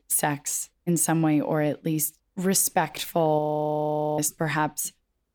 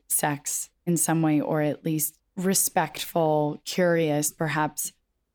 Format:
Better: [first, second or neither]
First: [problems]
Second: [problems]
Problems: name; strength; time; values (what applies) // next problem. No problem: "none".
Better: second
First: audio freezing; at 3.5 s for 1 s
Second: none